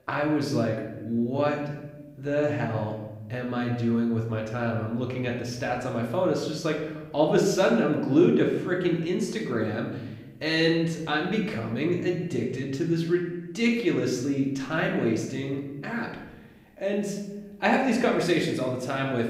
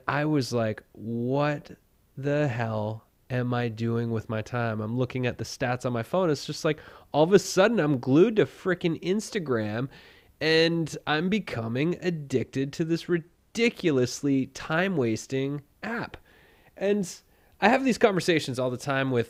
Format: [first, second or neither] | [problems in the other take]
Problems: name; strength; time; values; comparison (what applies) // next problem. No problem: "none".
second | room echo; noticeable; dies away in 0.8 s // off-mic speech; somewhat distant